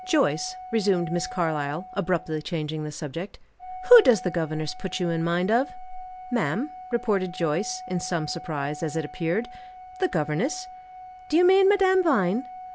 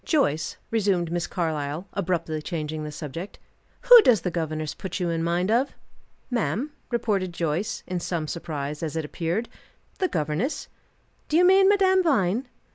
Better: second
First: background sound (Organ); 15 dB below the speech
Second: none

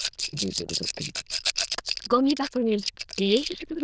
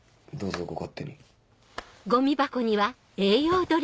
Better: second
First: noise reduction (neural diffusion model UNIVERSE++)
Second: none

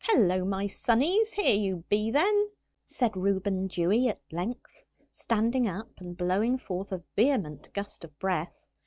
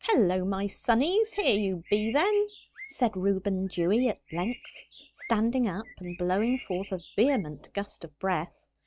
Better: first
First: none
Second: background sound (Bird); 20 dB below the speech

